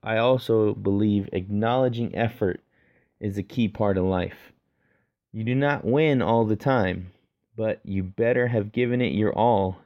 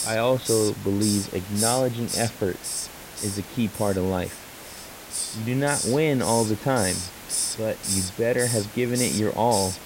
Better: first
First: none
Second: hiss; loud; throughout; 4 dB below the speech

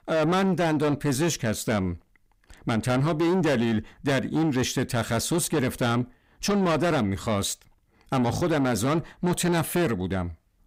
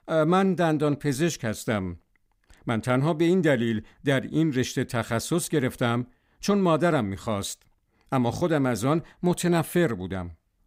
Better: second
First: distortion; heavy; 7 dB below the speech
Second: none

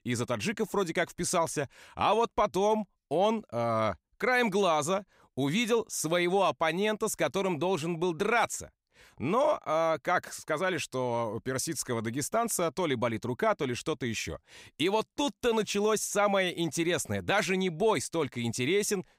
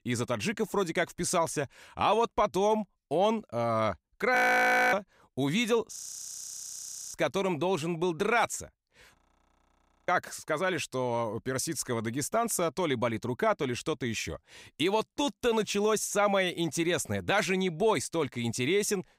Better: first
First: none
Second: audio freezing; at 4.5 s for 0.5 s, at 6 s for 1 s and at 9 s for 1 s

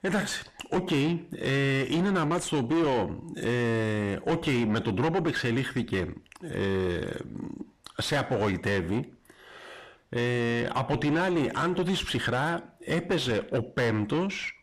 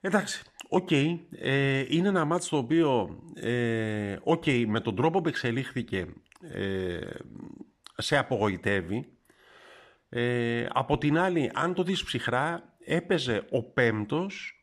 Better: second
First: distortion; heavy; 7 dB below the speech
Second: none

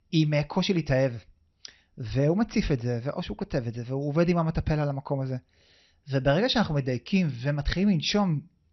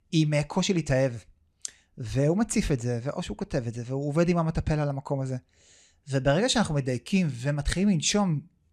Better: second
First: garbled, watery; slightly; nothing above 6 kHz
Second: none

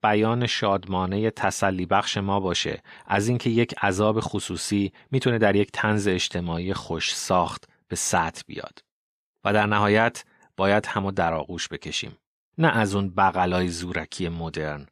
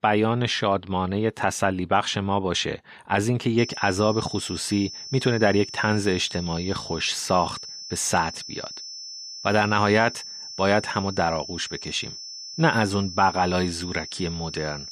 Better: first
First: none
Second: high-pitched whine; noticeable; from 3.5 s on; 5.5 kHz, 10 dB below the speech

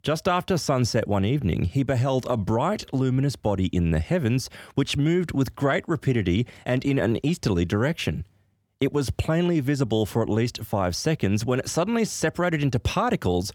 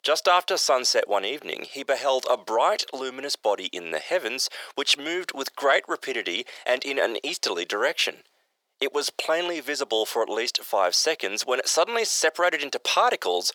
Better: first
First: none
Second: thin; very; fading below 500 Hz

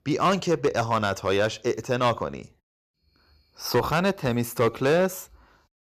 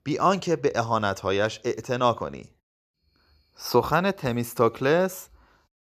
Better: second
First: distortion; slight; 4% of the sound clipped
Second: none

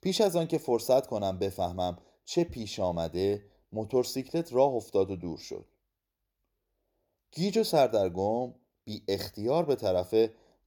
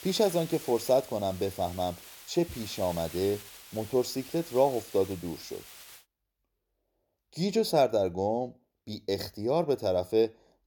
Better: first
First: none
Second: hiss; noticeable; until 6 s; 15 dB below the speech

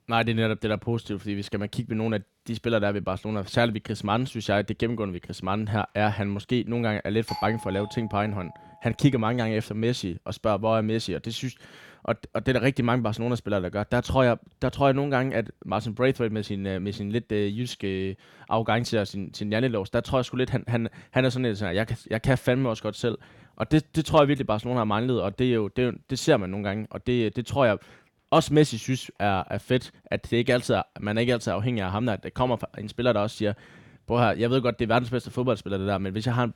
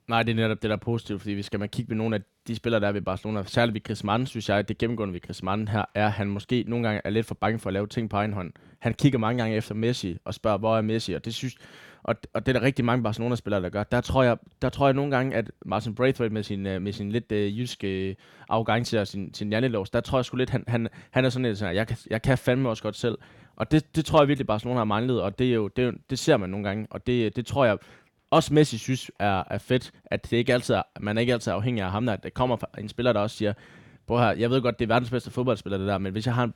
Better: second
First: doorbell; noticeable; from 7.5 to 8.5 s; peak 9 dB below the speech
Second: none

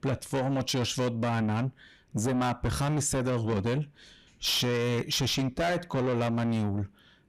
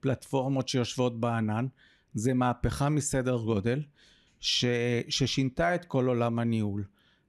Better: second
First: distortion; heavy; 8 dB below the speech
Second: none

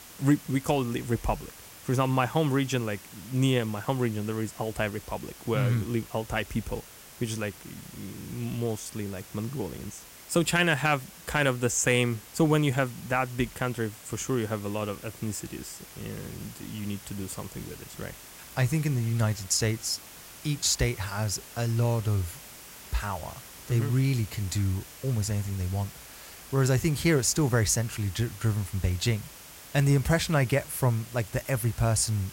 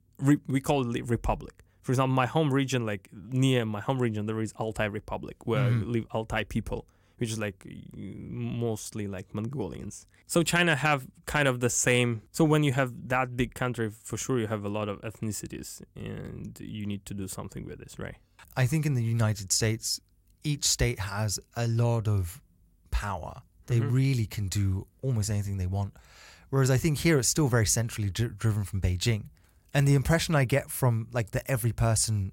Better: second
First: hiss; noticeable; throughout; 15 dB below the speech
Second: none

